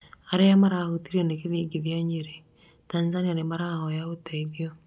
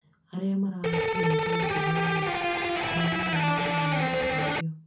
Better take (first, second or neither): first